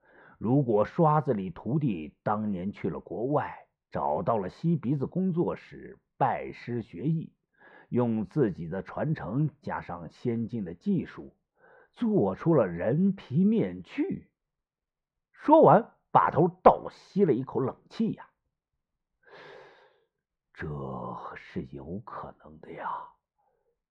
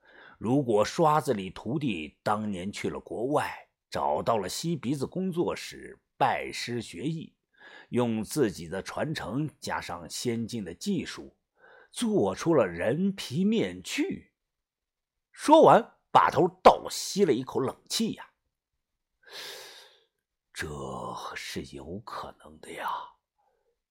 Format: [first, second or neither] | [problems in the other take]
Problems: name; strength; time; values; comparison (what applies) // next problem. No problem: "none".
second | muffled; very; fading above 1.5 kHz